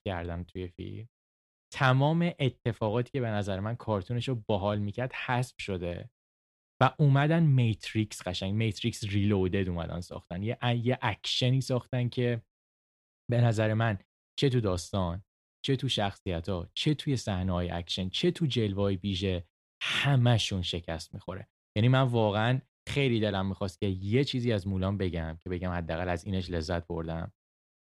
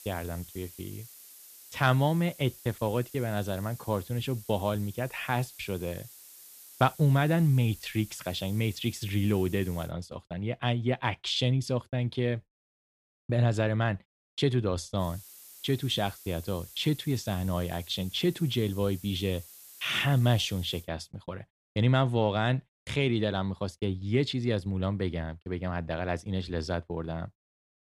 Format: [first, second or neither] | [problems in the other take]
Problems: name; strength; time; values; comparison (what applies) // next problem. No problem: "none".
first | hiss; noticeable; until 10 s and from 15 to 21 s; 20 dB below the speech